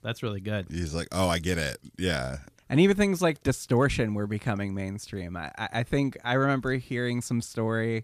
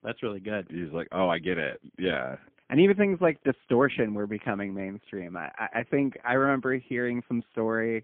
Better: first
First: none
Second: phone-call audio; poor line; nothing above 3.5 kHz

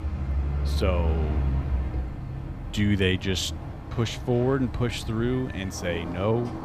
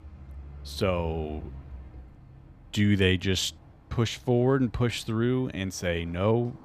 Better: second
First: traffic noise; loud; throughout; 4 dB below the speech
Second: traffic noise; faint; throughout; 20 dB below the speech

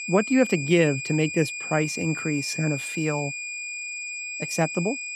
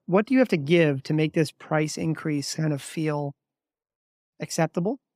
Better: second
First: high-pitched whine; loud; throughout; 2.5 kHz, 6 dB below the speech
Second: none

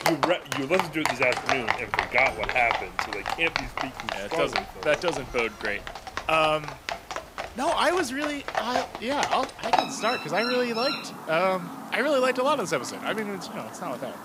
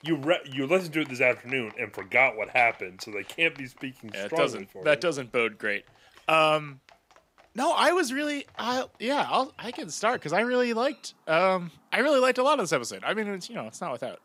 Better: second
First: animal sounds; loud; throughout; 4 dB below the speech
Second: animal sounds; faint; throughout; 30 dB below the speech

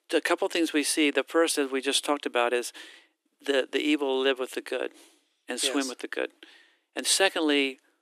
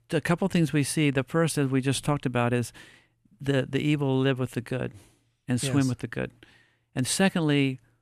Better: second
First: thin; somewhat; fading below 300 Hz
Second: none

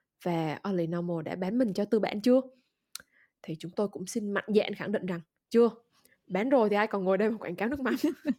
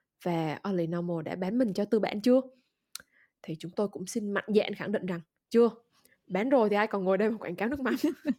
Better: neither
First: none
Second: none

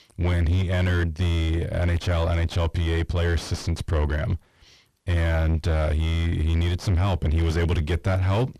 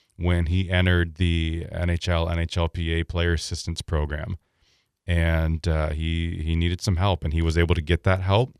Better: second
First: distortion; heavy; 4 dB below the speech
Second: none

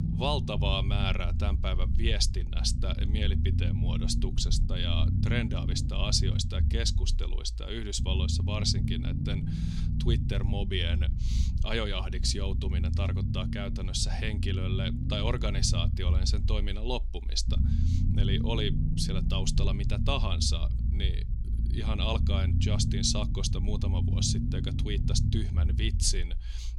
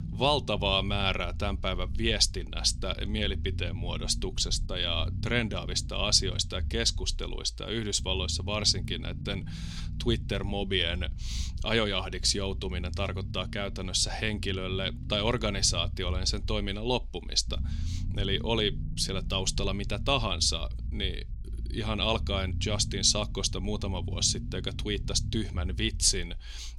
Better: second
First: low rumble; loud; throughout; 9 dB below the speech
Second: low rumble; faint; throughout; 20 dB below the speech

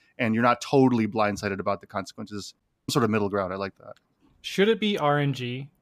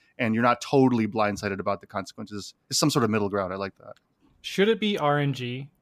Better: second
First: audio cutting out; at 2.5 s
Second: none

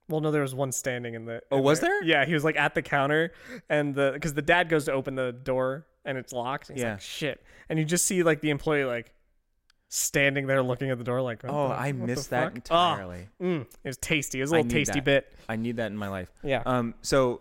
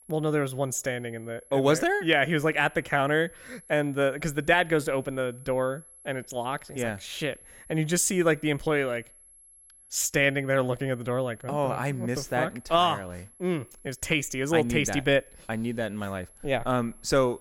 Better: first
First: none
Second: high-pitched whine; faint; throughout; 11 kHz, 25 dB below the speech

